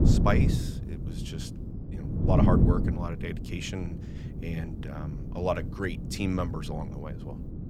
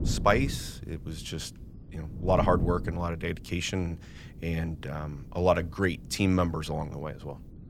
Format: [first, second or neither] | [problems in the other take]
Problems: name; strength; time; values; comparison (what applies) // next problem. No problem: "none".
second | wind noise on the microphone; heavy; 5 dB below the speech; occasional gusts in the second